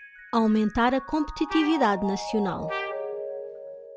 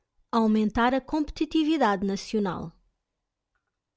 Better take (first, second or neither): second